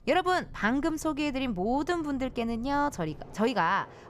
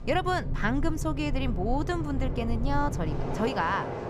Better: first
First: train or aircraft noise; faint; throughout; 20 dB below the speech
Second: train or aircraft noise; loud; throughout; 3 dB below the speech

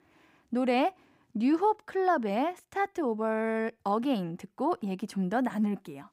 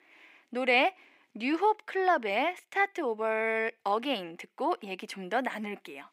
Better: first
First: none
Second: thin; somewhat; fading below 450 Hz

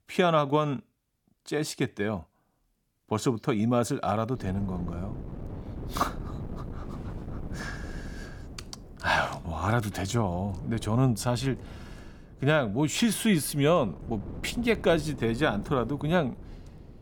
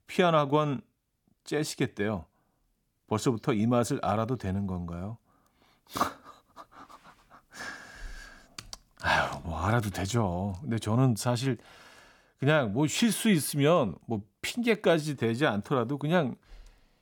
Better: second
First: wind noise on the microphone; occasional gusts; from 4.5 s on; 20 dB below the speech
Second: none

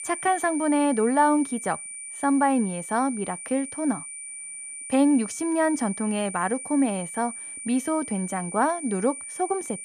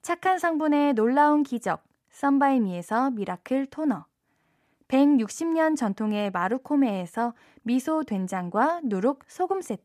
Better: second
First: high-pitched whine; loud; throughout; 9 kHz, 9 dB below the speech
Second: none

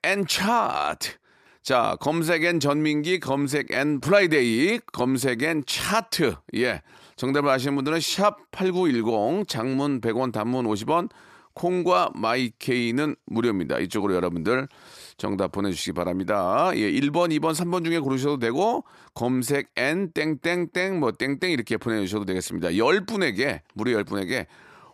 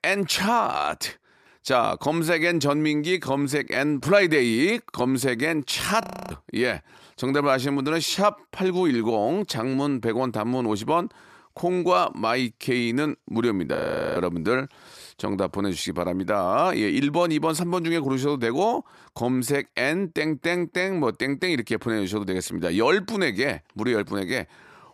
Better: first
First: none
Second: audio freezing; at 6 s and at 14 s

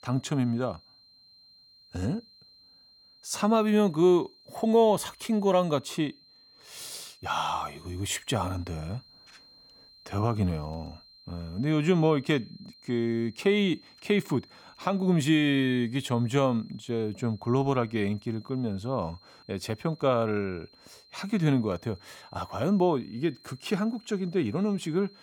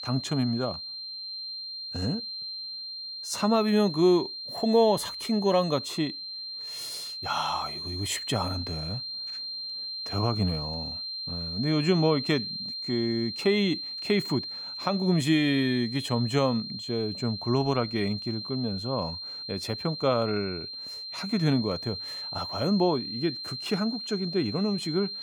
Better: first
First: high-pitched whine; faint; throughout; 4 kHz, 25 dB below the speech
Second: high-pitched whine; loud; throughout; 4 kHz, 6 dB below the speech

